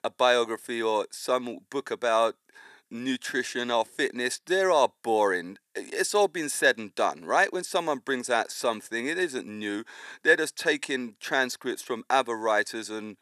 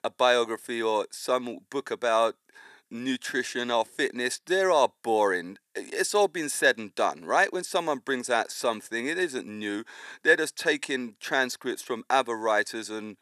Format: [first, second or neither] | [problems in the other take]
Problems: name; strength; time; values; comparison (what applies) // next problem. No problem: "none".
neither | thin; somewhat; fading below 300 Hz; the same in both